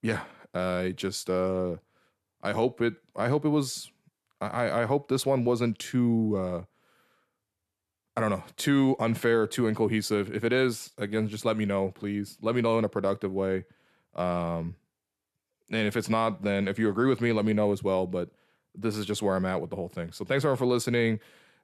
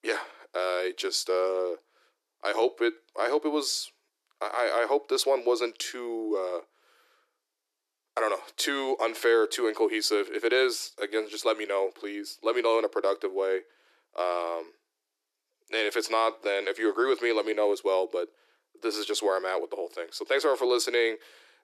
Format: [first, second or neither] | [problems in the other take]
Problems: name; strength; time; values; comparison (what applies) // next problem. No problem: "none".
first | thin; very; fading below 300 Hz